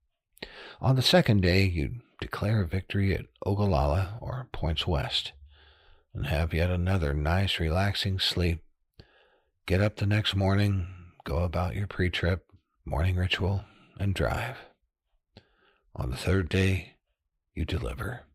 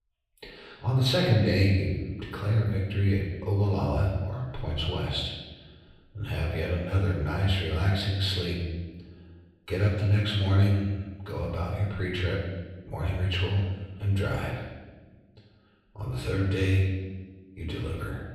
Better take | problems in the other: first | room echo; noticeable; dies away in 1.2 s // off-mic speech; far

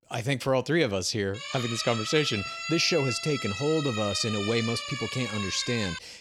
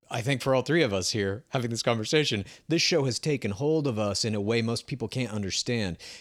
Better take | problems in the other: second | siren; noticeable; from 1.5 s on; peak 4 dB below the speech

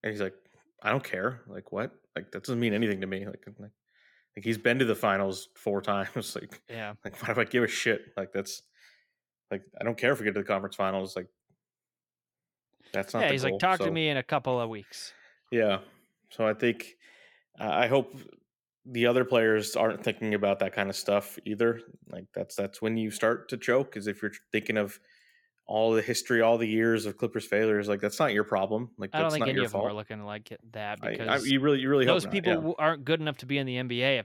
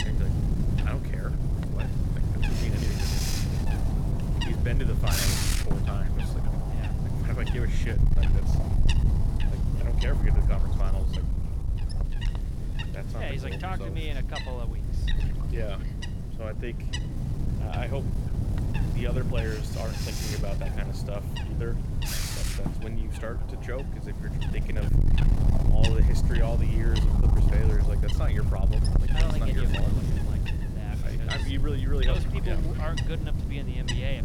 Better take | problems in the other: first | wind noise on the microphone; heavy; 2 dB above the speech

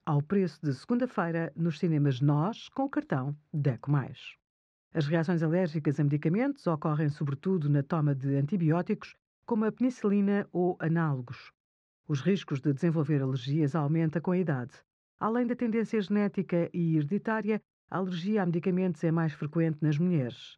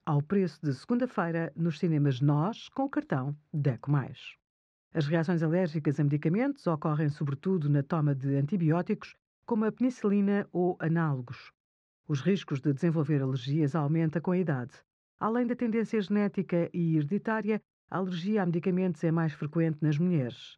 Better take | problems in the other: neither | muffled; slightly; fading above 2.5 kHz; the same in both

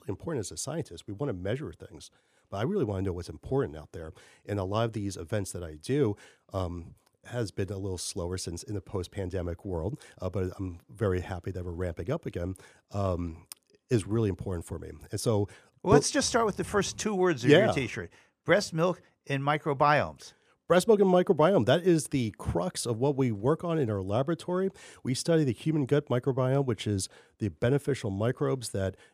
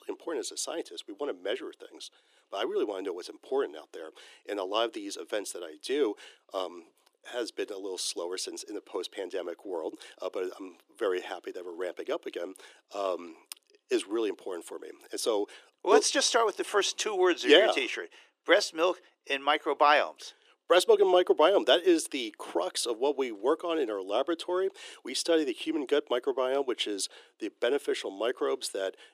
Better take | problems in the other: first | thin; very; fading below 350 Hz

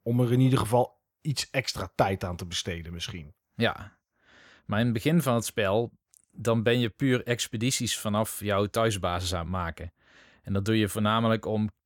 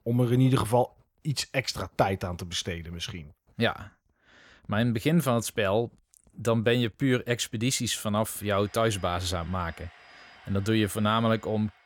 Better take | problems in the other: first | household noises; faint; throughout; 25 dB below the speech

